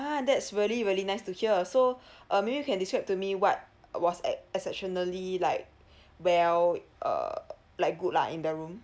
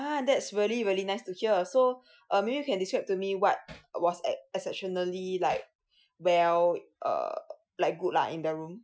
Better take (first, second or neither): first